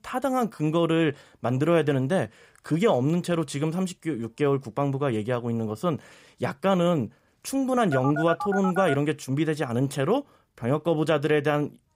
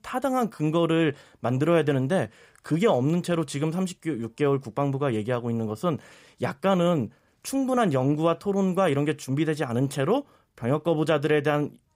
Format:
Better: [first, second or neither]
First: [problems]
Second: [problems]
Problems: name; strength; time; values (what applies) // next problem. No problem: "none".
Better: second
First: phone ringing; noticeable; from 8 to 9 s; peak 5 dB below the speech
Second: none